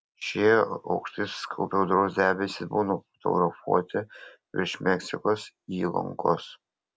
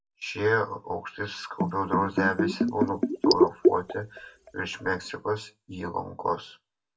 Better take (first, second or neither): first